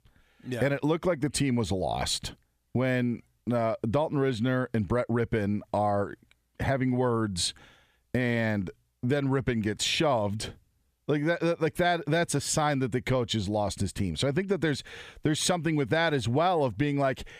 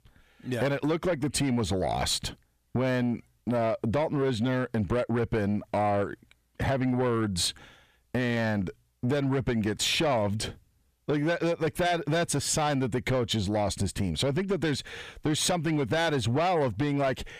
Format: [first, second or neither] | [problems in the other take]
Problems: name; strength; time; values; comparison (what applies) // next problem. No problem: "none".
first | distortion; slight; 10 dB below the speech